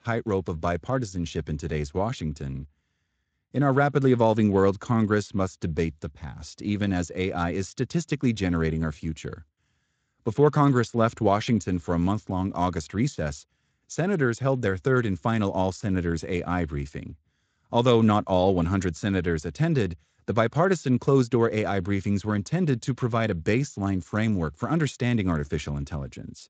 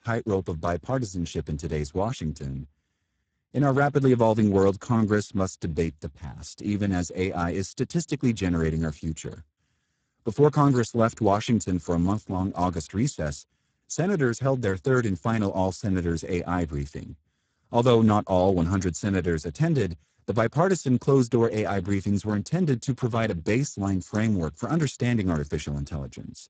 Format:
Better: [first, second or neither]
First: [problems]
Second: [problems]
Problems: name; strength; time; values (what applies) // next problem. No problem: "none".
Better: first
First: garbled, watery; slightly; nothing above 7.5 kHz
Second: garbled, watery; badly; nothing above 7.5 kHz